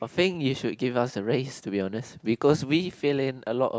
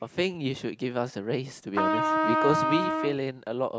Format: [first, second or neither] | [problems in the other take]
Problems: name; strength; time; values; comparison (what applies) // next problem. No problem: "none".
first | background sound (Trumpet); 3 dB above the speech